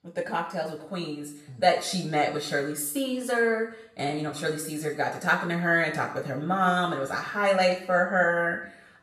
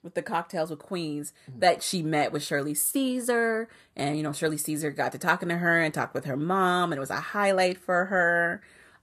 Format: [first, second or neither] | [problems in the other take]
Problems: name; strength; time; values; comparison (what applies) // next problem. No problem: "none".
second | room echo; slight; dies away in 0.6 s // off-mic speech; far